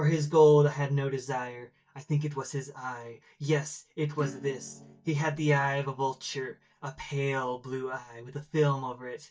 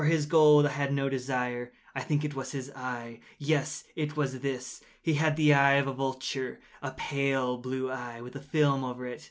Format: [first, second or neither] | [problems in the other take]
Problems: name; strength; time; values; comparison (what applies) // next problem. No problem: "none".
second | noise reduction (neural mask model DeepFilterNet 3)